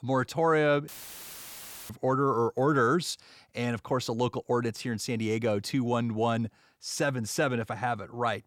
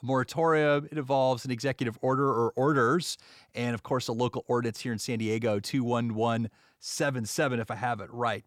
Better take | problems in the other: second | audio cutting out; filled with static; at 1 s for 1 s

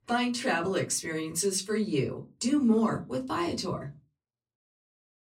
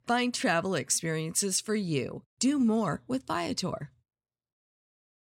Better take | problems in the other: second | off-mic speech; far // room echo; very slight; dies away in 0.2 s

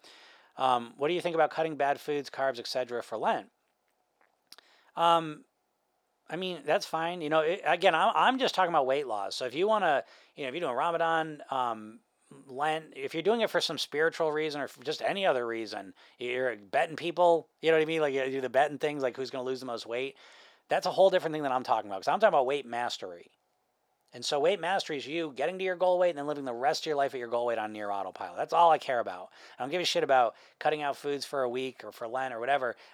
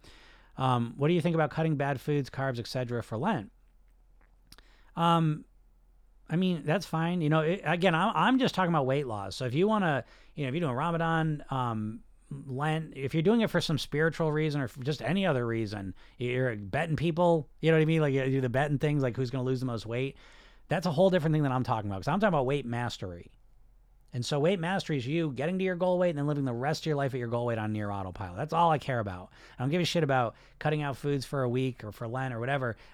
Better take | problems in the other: second | thin; very; fading below 450 Hz

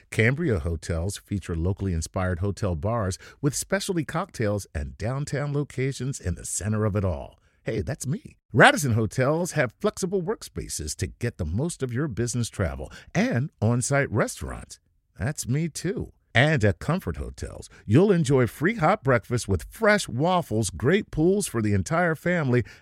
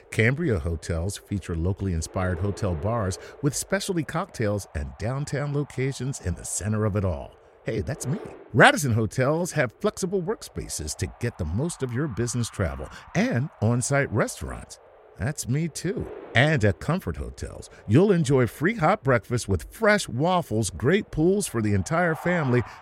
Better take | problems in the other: first | wind noise on the microphone; occasional gusts; 20 dB below the speech

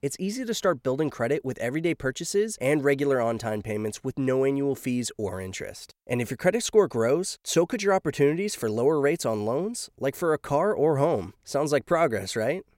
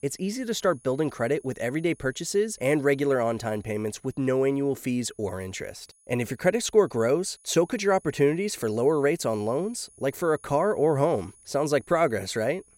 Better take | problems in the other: first | high-pitched whine; faint; throughout; 10 kHz, 30 dB below the speech

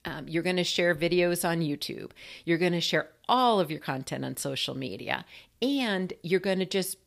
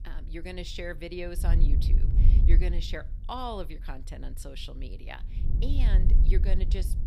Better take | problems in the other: first | wind noise on the microphone; heavy; 6 dB below the speech

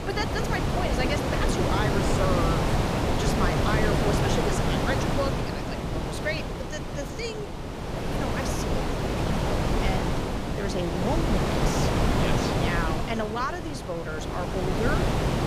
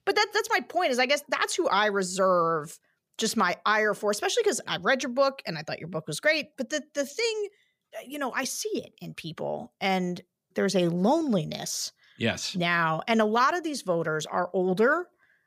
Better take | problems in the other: second | wind noise on the microphone; heavy; 2 dB above the speech

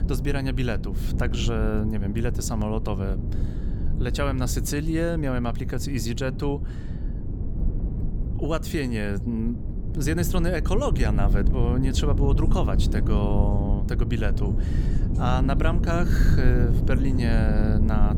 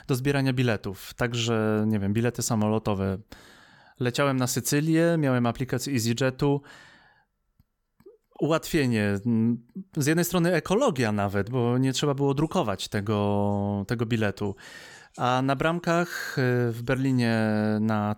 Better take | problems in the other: second | low rumble; loud; throughout; 8 dB below the speech

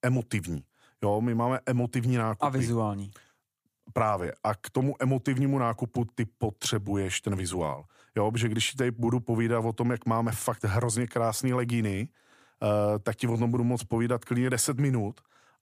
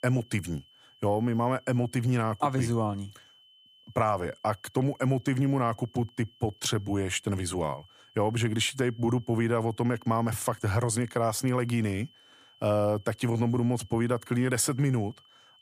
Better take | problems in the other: first | high-pitched whine; faint; throughout; 3 kHz, 30 dB below the speech

